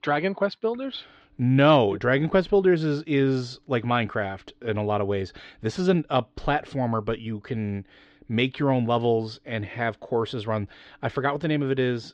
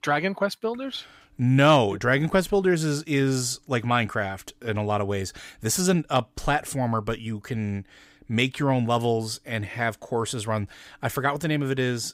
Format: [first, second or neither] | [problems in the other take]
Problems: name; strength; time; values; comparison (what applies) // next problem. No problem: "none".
second | muffled; slightly; fading above 4 kHz